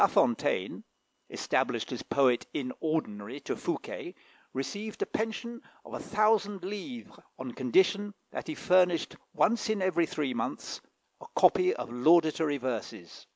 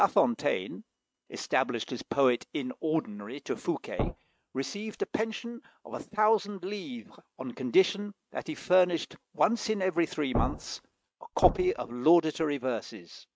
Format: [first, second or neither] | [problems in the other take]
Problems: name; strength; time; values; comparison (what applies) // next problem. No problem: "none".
first | noise reduction (neural mask model RNNoise)